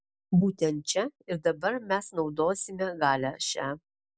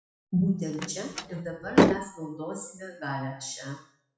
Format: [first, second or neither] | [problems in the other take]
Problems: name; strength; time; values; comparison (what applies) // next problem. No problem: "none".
first | noise reduction (classical method WPE with log-MMSE)